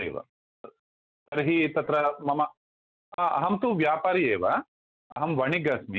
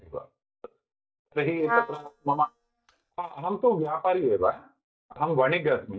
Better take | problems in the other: first | noise reduction (neural mask model DeepFilterNet 3)

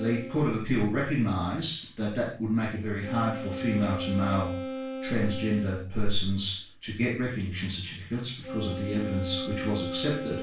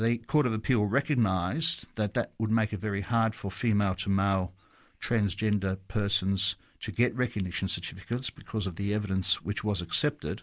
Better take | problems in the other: second | background sound (Wind instrument, woodwind instrument); 10 dB below the speech // room echo; dies away in 0.4 s

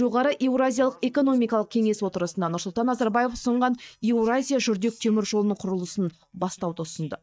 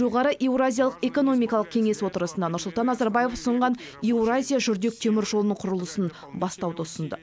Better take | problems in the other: second | noise reduction (neural mask model DeepFilterNet 3)

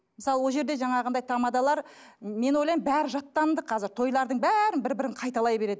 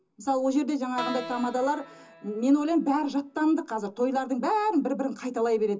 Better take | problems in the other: first | background sound (Keyboard (musical)); 15 dB below the speech // room echo; dies away in 0.2 s

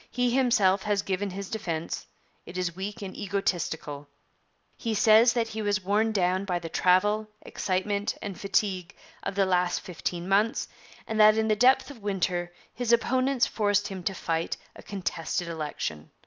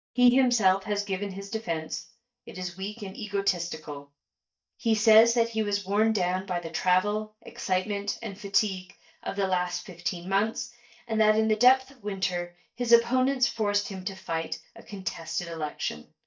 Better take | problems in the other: first | noise reduction (neural mask model DeepFilterNet 3)

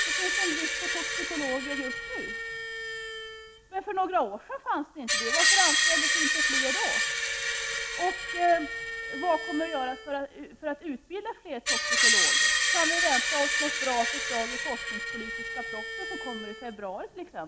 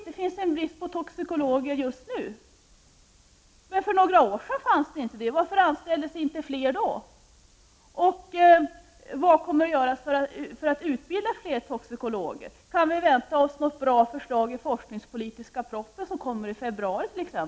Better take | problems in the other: second | background sound (Screech); 4 dB above the speech

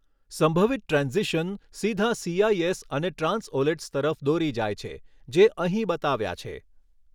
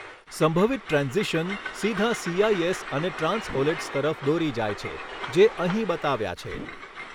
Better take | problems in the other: first | background sound (Train + Whoosh, swoosh, swish); 11 dB below the speech

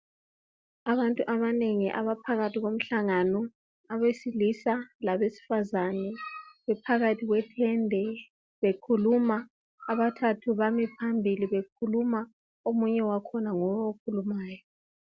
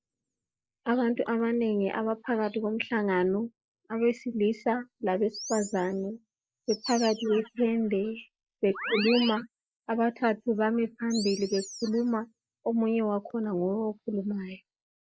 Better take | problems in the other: first | noise reduction (neural mask model Resemble Enhance denoiser)

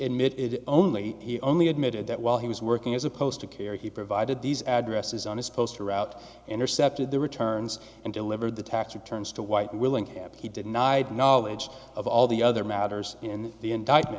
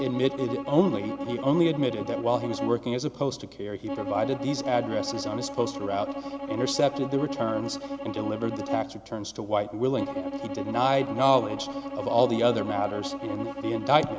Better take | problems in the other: first | background sound (Bowed string instrument); 7 dB below the speech

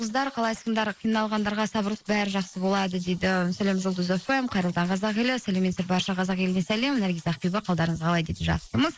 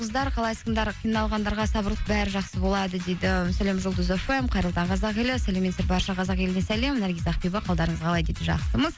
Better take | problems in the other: second | noise reduction (neural mask model Resemble Enhance denoiser)

